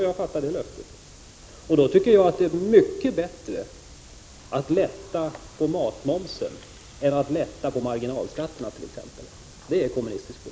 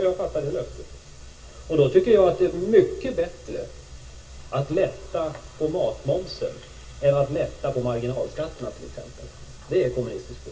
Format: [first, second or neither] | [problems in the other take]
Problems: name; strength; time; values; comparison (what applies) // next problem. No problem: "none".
first | room echo; dies away in 0.1 s